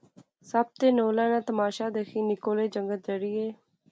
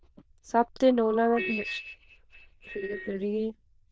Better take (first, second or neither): first